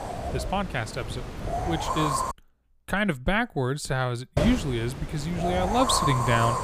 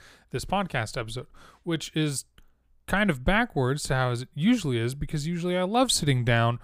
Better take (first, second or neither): second